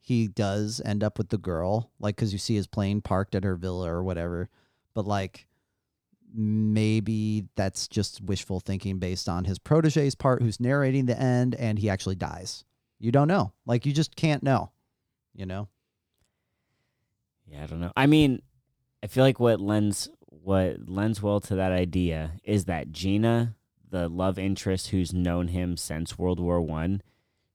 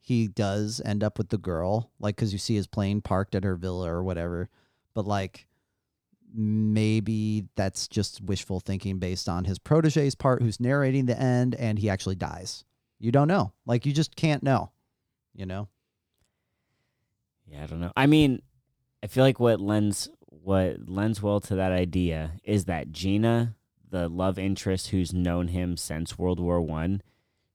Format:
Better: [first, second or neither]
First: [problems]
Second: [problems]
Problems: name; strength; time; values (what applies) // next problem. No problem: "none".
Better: neither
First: none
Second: none